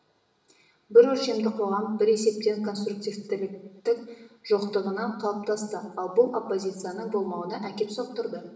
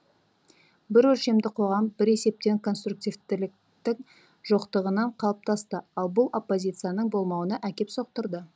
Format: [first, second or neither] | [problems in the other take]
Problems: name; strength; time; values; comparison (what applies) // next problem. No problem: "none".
second | room echo; dies away in 0.8 s